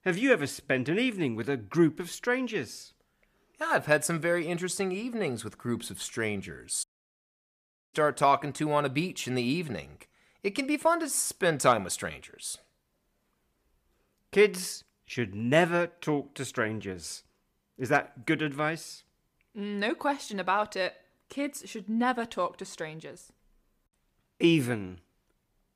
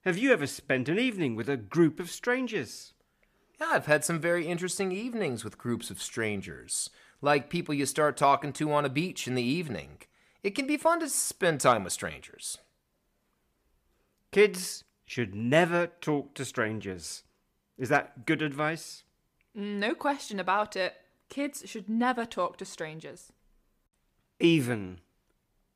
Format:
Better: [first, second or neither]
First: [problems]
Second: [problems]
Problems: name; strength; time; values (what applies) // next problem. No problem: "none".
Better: second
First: audio cutting out; at 7 s for 1 s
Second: none